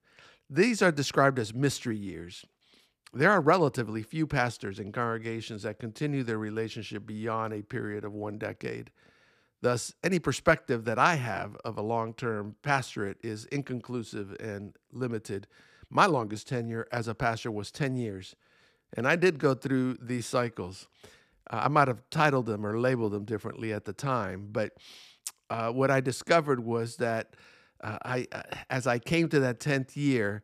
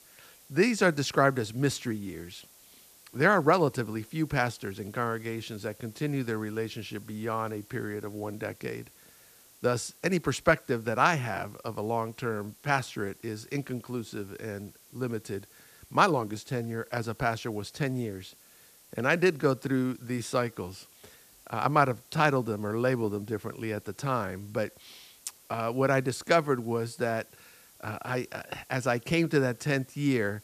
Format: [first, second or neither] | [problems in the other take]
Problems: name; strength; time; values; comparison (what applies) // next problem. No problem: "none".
first | hiss; faint; throughout; 25 dB below the speech